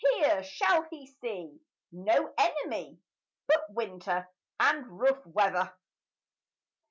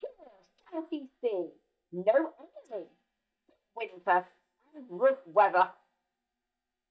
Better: first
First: none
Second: noise reduction (neural mask model DeepFilterNet 3)

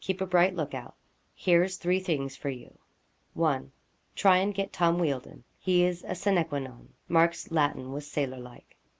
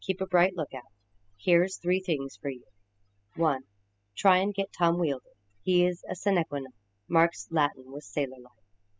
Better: first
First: none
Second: noise reduction (classical method spectral subtraction)

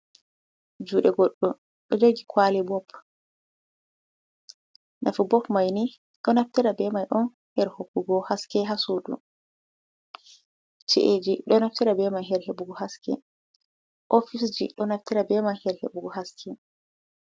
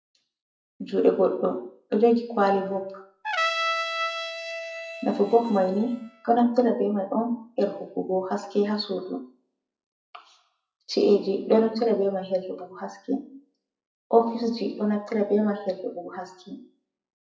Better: first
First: none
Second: noise reduction (classical method WPE with log-MMSE)

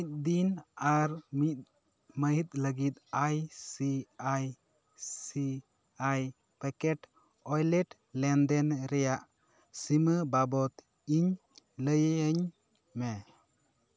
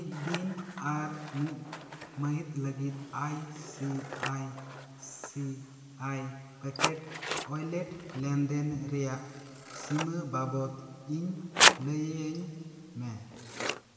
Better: first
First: none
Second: background sound (Scissors); as loud as the speech // room echo; dies away in 2.6 s

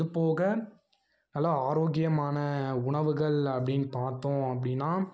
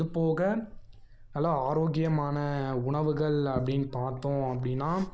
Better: first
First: none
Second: background sound (Liquid); 16 dB below the speech

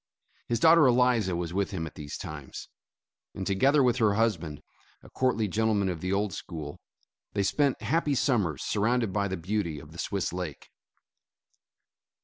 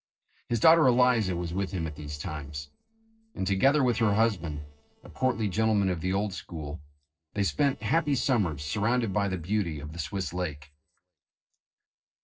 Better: first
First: none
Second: noise reduction (neural separator model SepFormer DNS4)

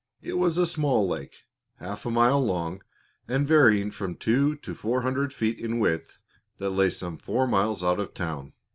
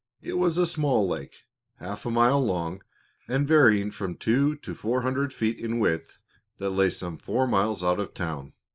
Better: first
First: none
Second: noise reduction (neural mask model Resemble Enhance denoiser)

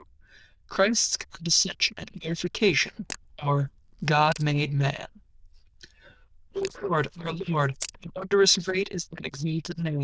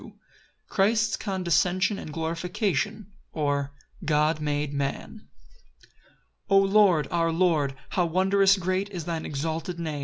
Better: second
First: noise reduction (neural diffusion model UNIVERSE++)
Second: none

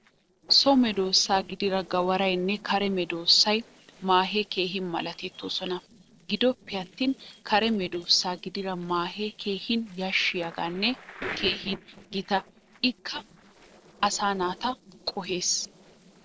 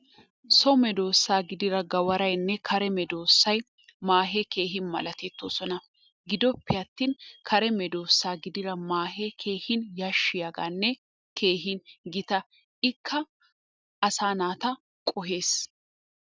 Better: second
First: noise reduction (neural separator model SepFormer DNS4)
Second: none

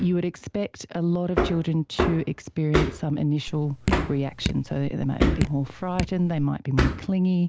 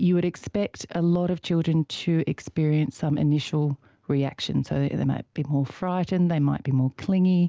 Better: second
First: background sound (Drip + Hammer); 3 dB below the speech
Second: none

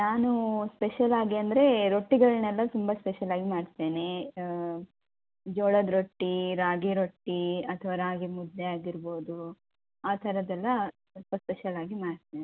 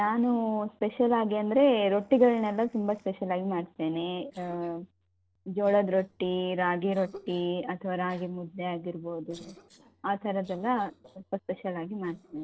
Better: first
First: none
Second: noise reduction (neural separator model SepFormer DNS4)

